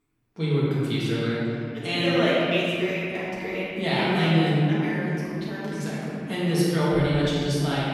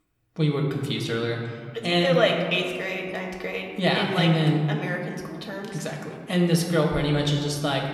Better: second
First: room echo; strong; dies away in 2.7 s // off-mic speech; far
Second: room echo; slight; dies away in 1.6 s // off-mic speech; somewhat distant

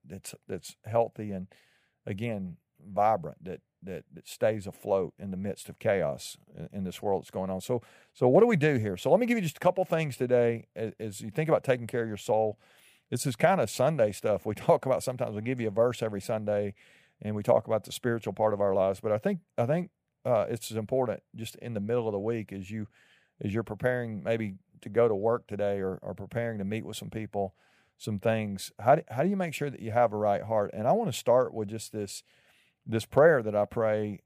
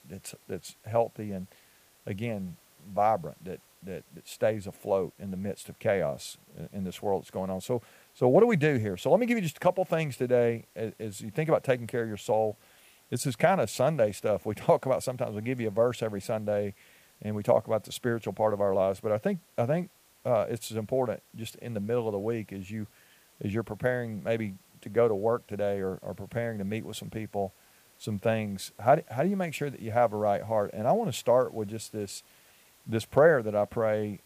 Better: first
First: none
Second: hiss; faint; throughout; 30 dB below the speech

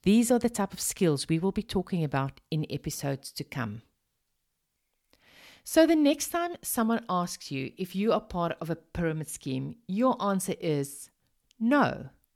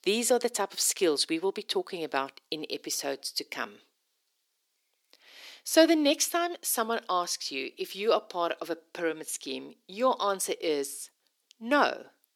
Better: first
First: none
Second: thin; somewhat; fading below 350 Hz

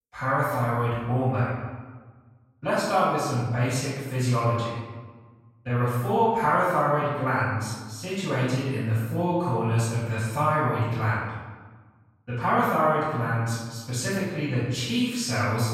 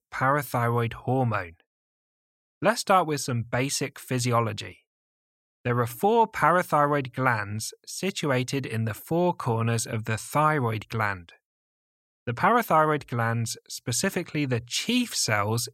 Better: second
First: off-mic speech; far // room echo; strong; dies away in 1.2 s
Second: none

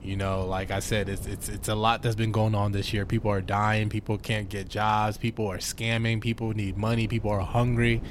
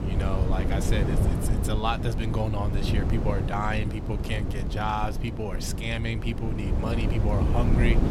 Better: first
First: wind noise on the microphone; occasional gusts; 25 dB below the speech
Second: wind noise on the microphone; heavy; 5 dB below the speech

